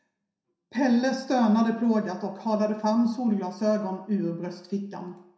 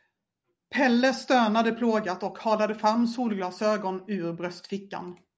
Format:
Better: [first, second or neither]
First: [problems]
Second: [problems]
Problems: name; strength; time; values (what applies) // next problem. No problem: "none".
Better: second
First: room echo; dies away in 0.6 s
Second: none